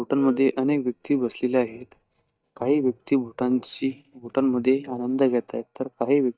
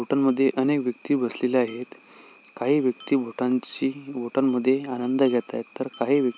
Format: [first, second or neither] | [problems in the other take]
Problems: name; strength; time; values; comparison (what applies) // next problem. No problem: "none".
second | noise reduction (neural mask model DeepFilterNet 3)